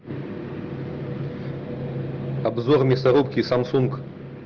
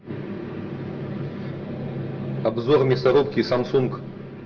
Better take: first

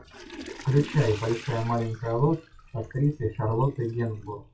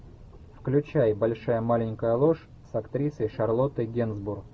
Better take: second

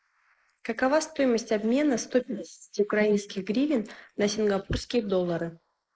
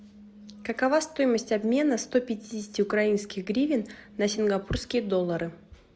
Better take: second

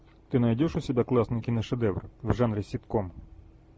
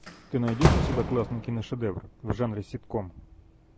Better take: first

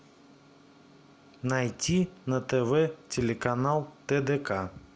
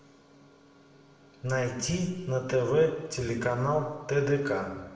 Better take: first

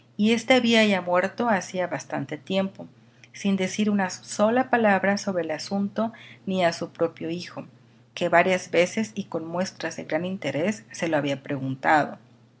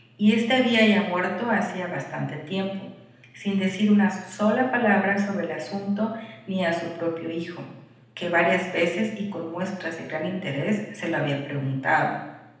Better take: first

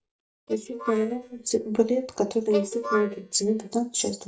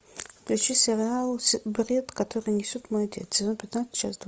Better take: second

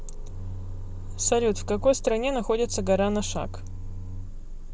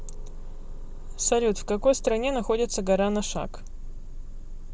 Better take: second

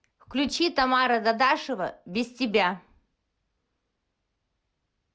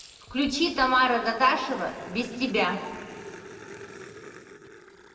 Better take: first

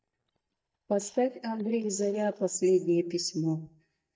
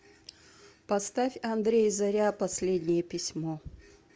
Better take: second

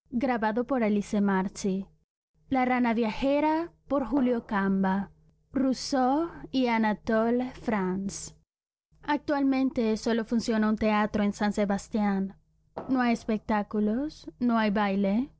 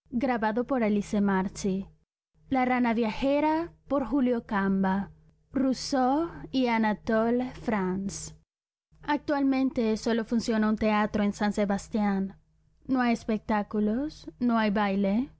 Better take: second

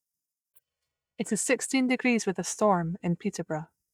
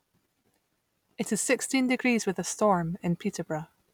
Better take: second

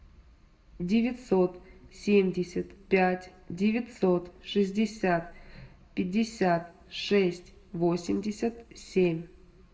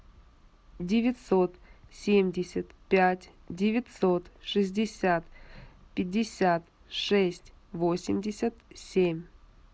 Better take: second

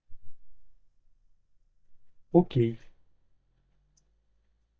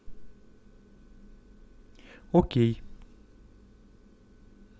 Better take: second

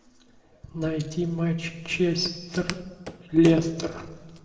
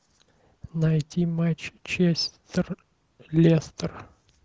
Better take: second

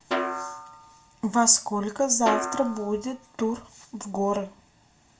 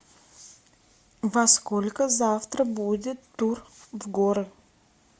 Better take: second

